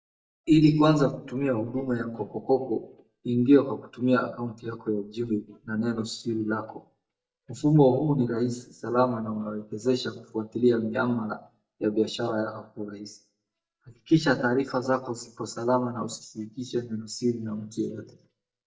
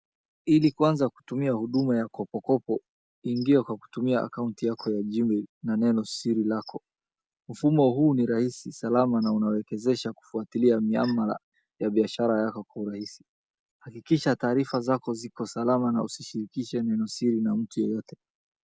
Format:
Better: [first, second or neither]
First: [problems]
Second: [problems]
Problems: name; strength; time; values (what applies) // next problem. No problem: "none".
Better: second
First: noise reduction (neural mask model DeepFilterNet 3)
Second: none